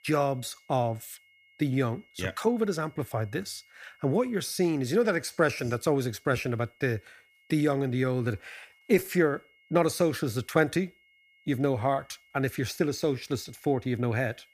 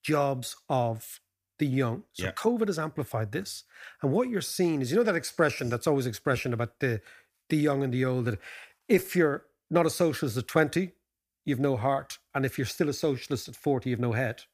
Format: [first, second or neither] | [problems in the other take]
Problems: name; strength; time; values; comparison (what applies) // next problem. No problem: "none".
second | high-pitched whine; faint; throughout; 2 kHz, 30 dB below the speech